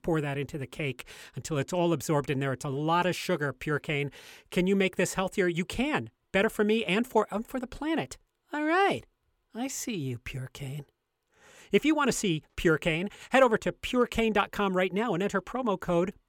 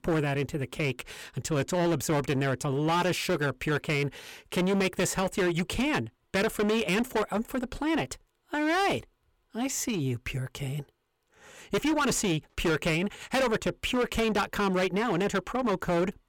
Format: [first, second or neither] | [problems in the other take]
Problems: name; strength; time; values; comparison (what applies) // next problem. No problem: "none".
first | distortion; heavy; 16% of the sound clipped